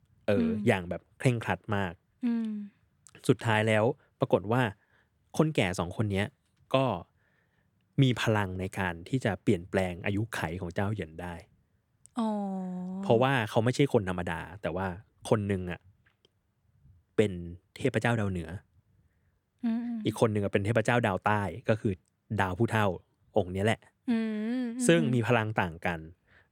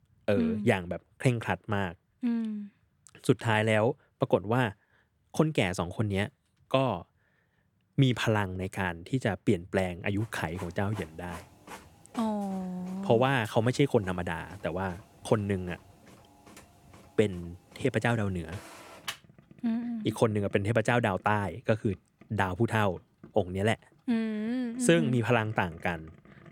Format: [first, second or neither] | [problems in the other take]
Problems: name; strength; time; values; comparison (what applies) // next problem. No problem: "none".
first | household noises; faint; from 10 s on; 20 dB below the speech